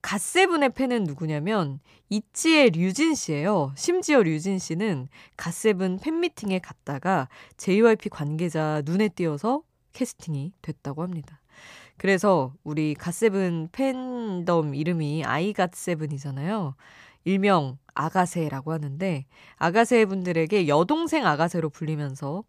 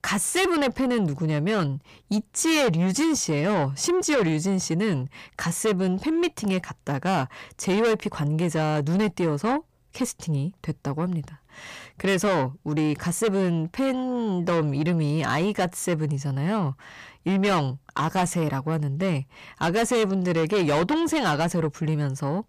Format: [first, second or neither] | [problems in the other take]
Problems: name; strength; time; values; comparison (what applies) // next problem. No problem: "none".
first | distortion; heavy; 6 dB below the speech